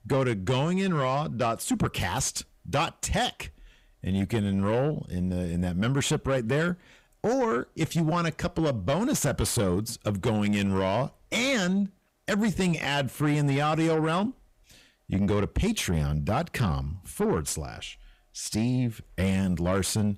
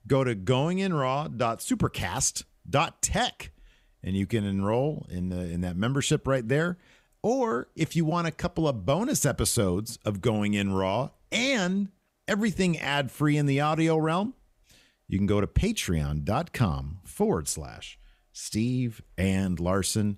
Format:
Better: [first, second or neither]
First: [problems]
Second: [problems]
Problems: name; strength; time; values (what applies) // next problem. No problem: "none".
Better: second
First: distortion; slight; 10 dB below the speech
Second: none